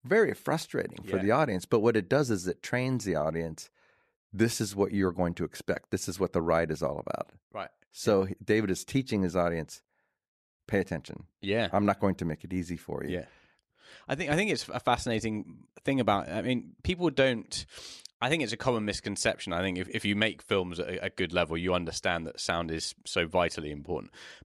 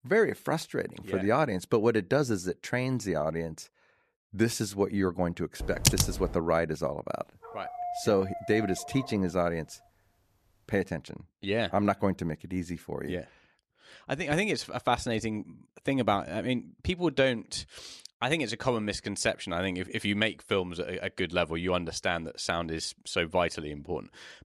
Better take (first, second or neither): first